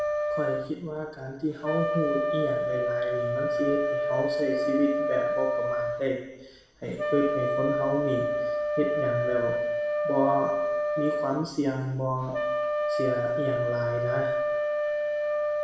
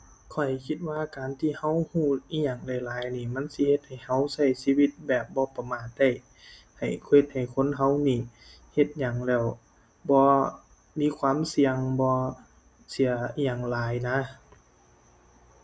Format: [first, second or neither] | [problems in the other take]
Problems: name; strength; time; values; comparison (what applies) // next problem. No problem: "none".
second | background sound (Wind instrument, woodwind instrument); 3 dB above the speech // room echo; dies away in 0.9 s